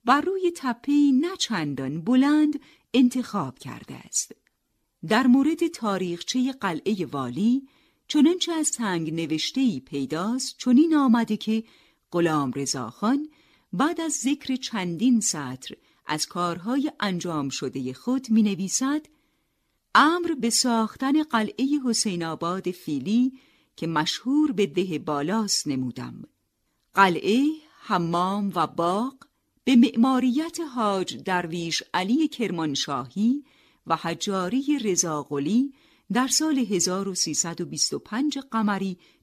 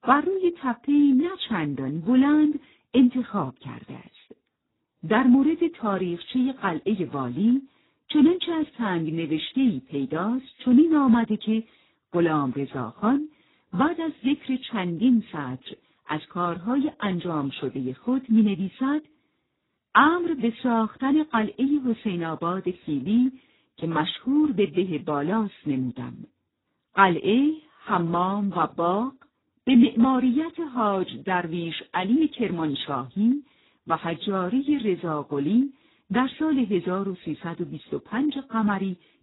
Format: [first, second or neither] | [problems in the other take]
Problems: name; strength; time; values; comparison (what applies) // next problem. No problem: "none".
first | garbled, watery; badly; nothing above 4 kHz